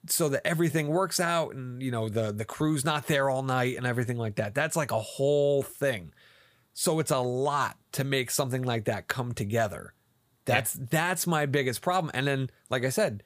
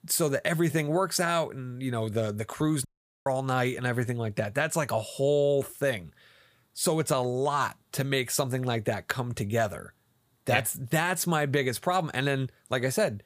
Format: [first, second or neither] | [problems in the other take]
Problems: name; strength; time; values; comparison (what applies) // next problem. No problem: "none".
first | audio cutting out; at 3 s